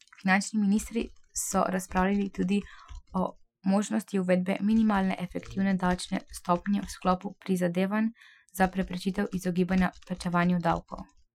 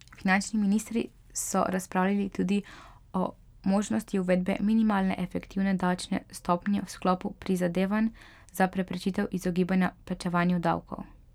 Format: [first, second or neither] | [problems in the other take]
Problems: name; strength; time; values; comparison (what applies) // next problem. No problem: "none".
second | noise reduction (classical method Wiener filter)